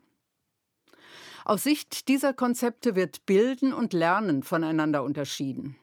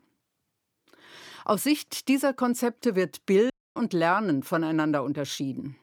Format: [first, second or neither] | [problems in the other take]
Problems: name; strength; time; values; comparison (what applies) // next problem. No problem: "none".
first | audio cutting out; at 3.5 s